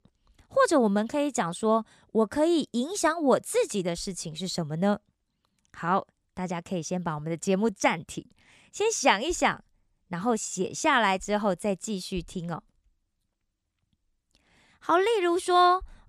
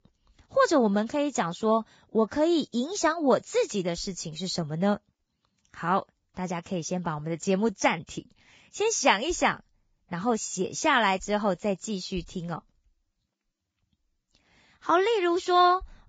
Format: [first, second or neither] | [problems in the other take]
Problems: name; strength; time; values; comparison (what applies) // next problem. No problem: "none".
first | garbled, watery; badly; nothing above 7.5 kHz